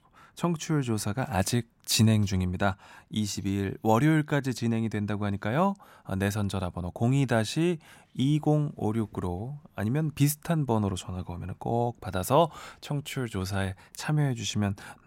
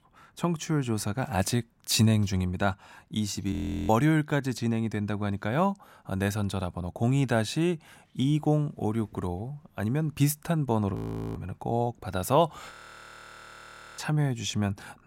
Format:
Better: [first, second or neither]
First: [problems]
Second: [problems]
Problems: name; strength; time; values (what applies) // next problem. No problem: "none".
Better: first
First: none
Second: audio freezing; at 3.5 s, at 11 s and at 13 s for 1.5 s